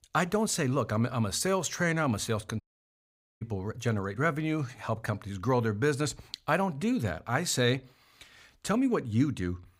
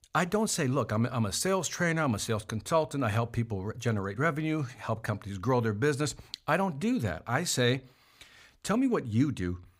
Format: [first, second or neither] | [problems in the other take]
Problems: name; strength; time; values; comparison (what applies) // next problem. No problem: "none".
second | audio cutting out; at 2.5 s for 1 s